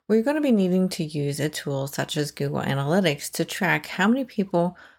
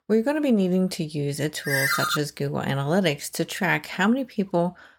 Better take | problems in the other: first | phone ringing; loud; at 1.5 s; peak 2 dB above the speech

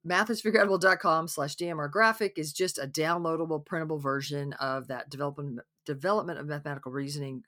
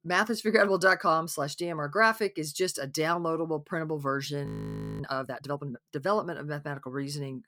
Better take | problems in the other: first | audio freezing; at 4.5 s for 0.5 s

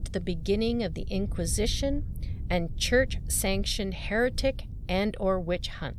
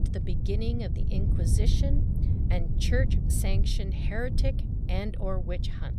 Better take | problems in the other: first | wind noise on the microphone; heavy; 6 dB below the speech; occasional gusts in the first

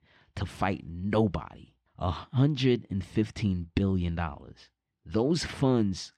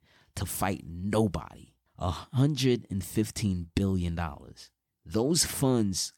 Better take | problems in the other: second | muffled; slightly; fading above 3 kHz

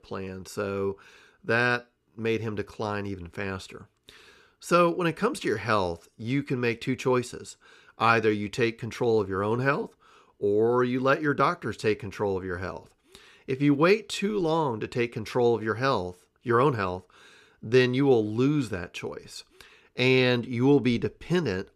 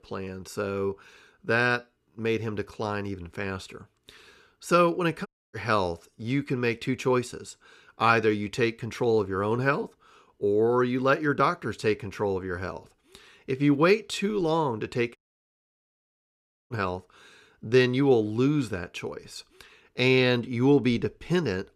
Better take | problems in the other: first | audio cutting out; at 5.5 s and at 15 s for 1.5 s

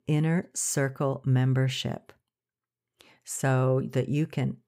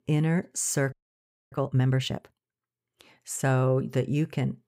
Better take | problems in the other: first | audio freezing; at 1 s for 0.5 s

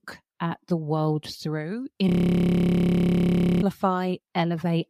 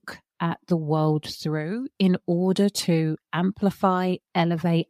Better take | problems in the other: second | audio freezing; at 2 s for 1.5 s

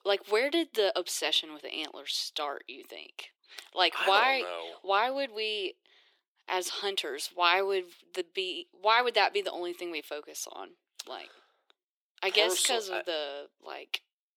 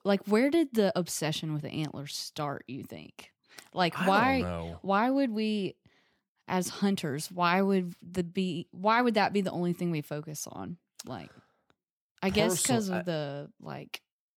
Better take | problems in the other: second | thin; very; fading below 350 Hz

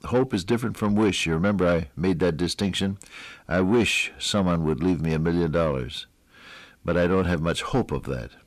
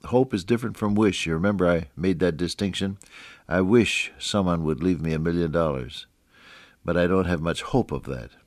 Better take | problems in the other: second | distortion; slight; 10 dB below the speech

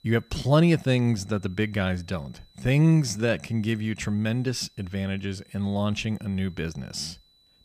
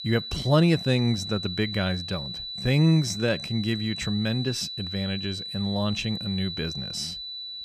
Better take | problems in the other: first | high-pitched whine; loud; throughout; 4 kHz, 6 dB below the speech; faint in the first

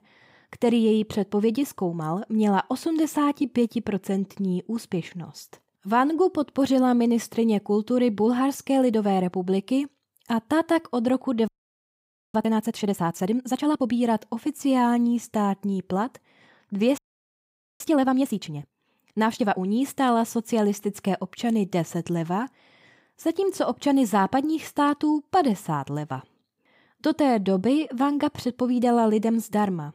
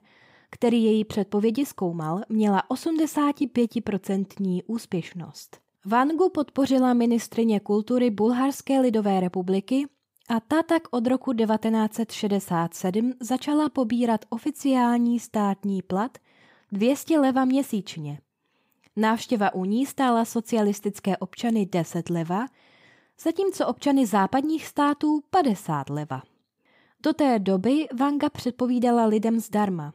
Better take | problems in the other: second | audio freezing; at 11 s for 1 s and at 17 s for 1 s

